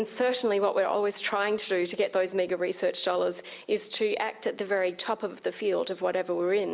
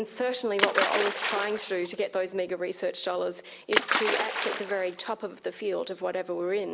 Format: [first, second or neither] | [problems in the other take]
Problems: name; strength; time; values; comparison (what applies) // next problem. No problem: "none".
first | background sound (Splash, splatter); 1 dB below the speech